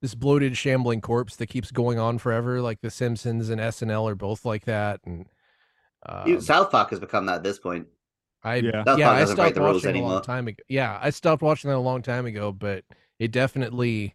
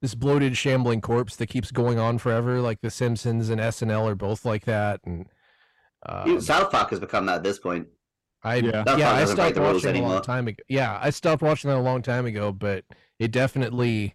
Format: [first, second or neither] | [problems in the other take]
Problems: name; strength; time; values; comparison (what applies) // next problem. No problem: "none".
first | distortion; slight; 10 dB below the speech